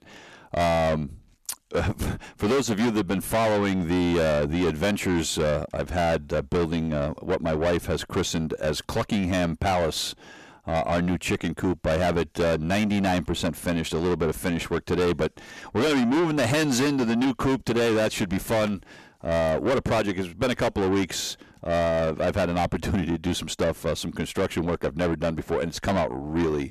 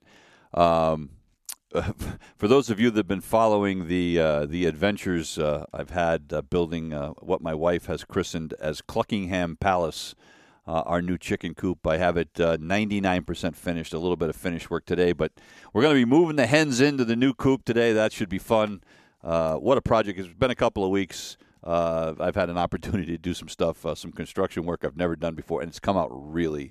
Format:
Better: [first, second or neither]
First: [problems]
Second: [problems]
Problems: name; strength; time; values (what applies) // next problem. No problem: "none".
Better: second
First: distortion; heavy; 6 dB below the speech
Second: none